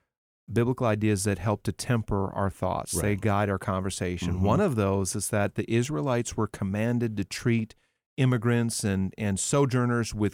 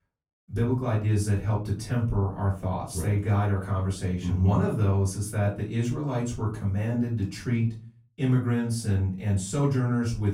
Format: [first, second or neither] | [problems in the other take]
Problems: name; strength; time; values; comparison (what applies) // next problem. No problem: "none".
first | off-mic speech; far // room echo; slight; dies away in 0.4 s